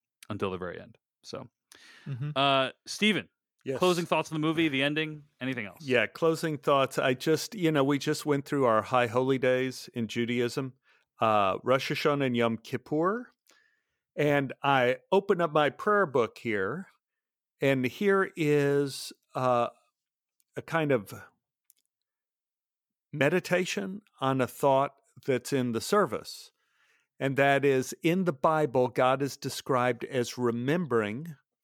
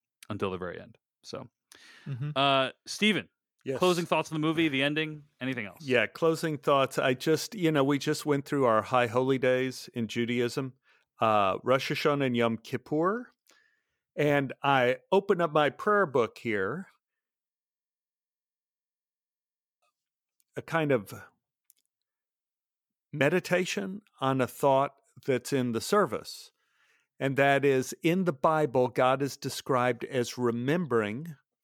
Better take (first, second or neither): first